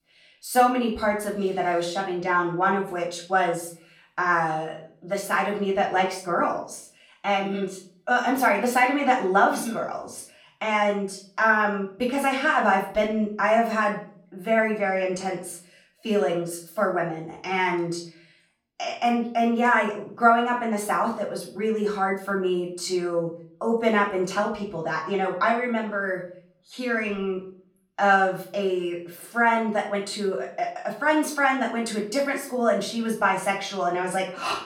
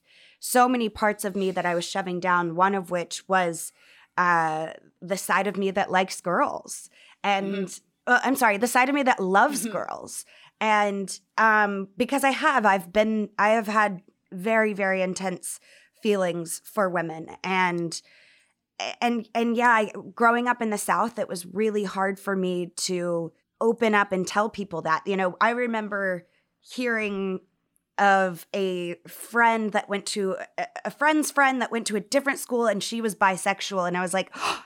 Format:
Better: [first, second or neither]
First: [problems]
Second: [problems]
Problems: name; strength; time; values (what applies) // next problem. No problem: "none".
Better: second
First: off-mic speech; far // room echo; slight; dies away in 0.4 s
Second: none